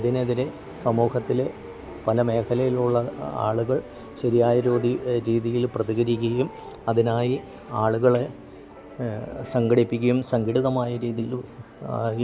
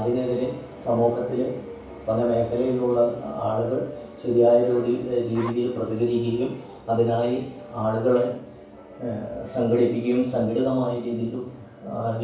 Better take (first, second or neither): first